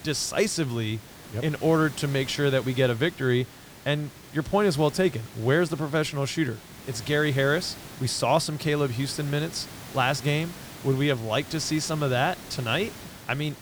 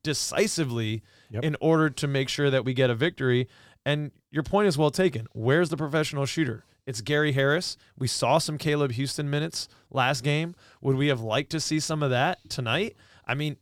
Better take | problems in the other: second | hiss; noticeable; throughout; 15 dB below the speech

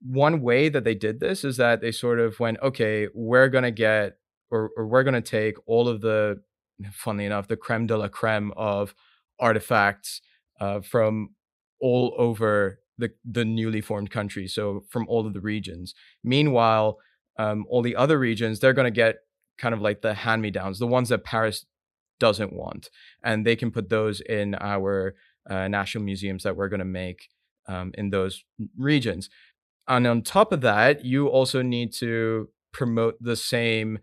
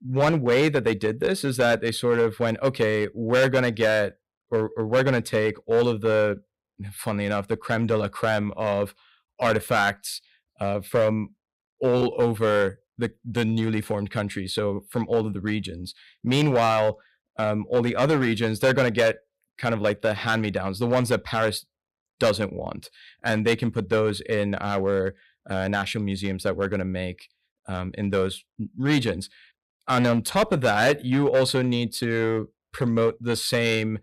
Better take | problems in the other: first | distortion; slight; 5% of the sound clipped

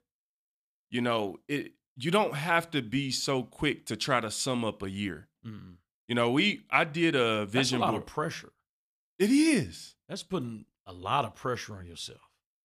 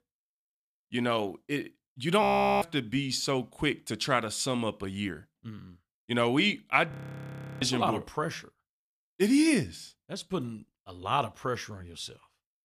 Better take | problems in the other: first | audio freezing; at 2 s and at 7 s for 0.5 s

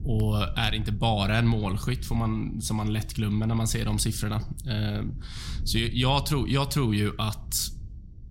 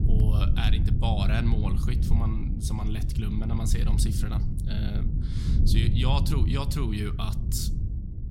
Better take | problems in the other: first | low rumble; loud; throughout; 6 dB below the speech; faint in the first

